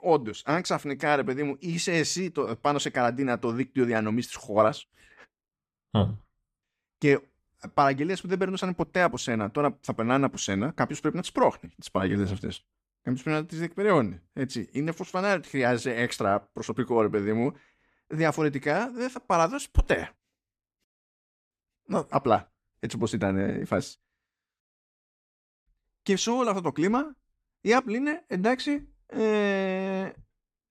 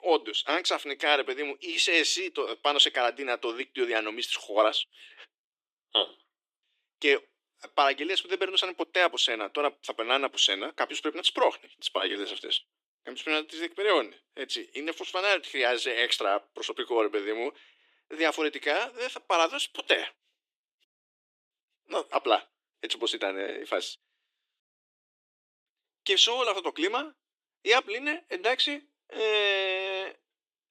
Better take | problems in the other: first | thin; very; fading below 300 Hz

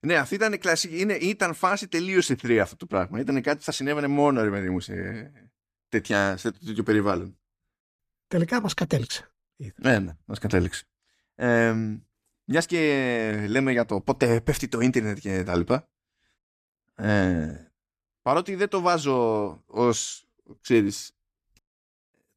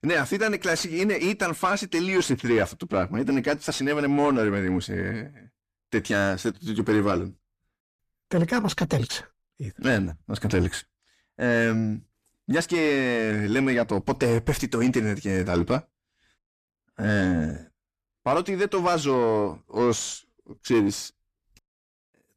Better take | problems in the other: first | distortion; slight; 10 dB below the speech

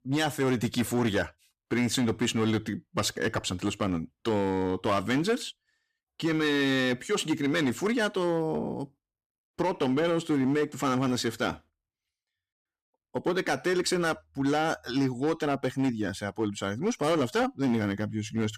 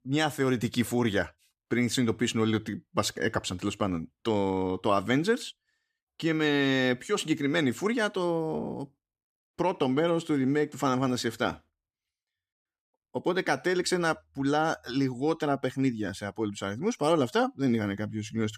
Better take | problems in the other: second | distortion; slight; 8% of the sound clipped

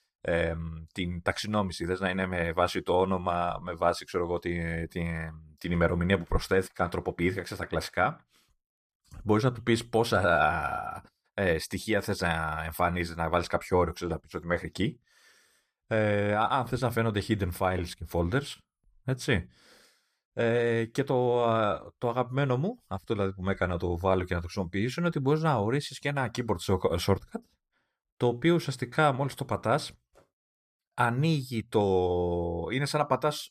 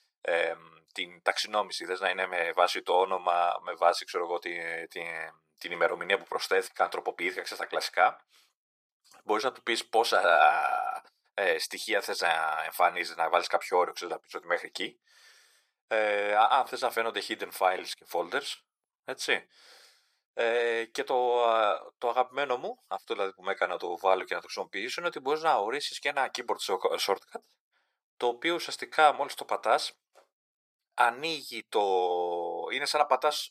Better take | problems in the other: first | thin; very; fading below 450 Hz

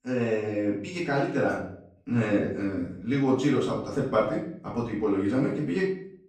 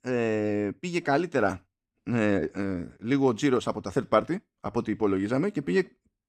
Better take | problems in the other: second | room echo; noticeable; dies away in 0.5 s // off-mic speech; far

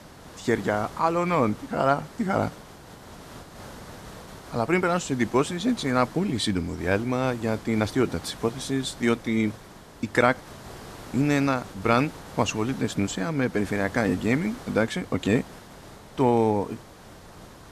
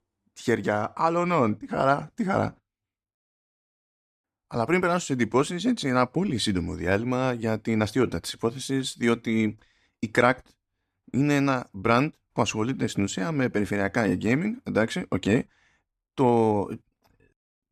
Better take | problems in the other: second | hiss; noticeable; throughout; 20 dB below the speech

